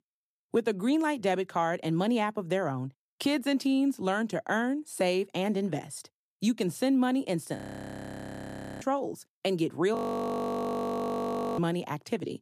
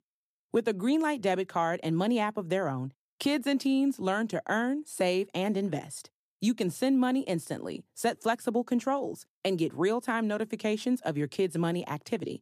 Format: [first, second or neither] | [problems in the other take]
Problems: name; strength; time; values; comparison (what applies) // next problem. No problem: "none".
second | audio freezing; at 7.5 s for 1 s and at 10 s for 1.5 s